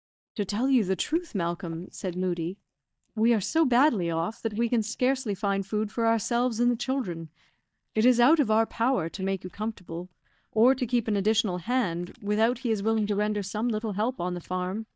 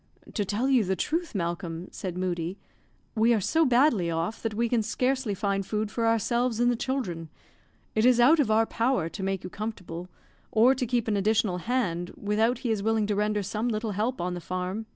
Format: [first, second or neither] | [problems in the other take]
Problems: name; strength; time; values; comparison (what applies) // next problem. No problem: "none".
second | noise reduction (neural mask model DeepFilterNet 3)